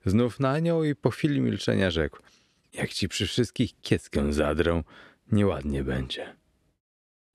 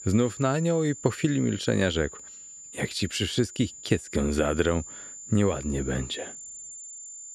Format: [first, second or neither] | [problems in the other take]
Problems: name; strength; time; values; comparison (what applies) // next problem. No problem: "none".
first | high-pitched whine; noticeable; throughout; 7 kHz, 15 dB below the speech